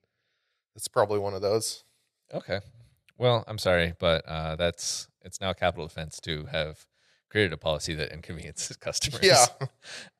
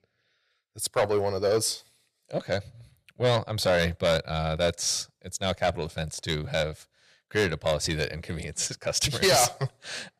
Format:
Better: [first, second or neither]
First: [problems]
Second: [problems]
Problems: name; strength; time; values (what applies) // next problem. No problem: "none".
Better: first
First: none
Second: distortion; heavy; 7 dB below the speech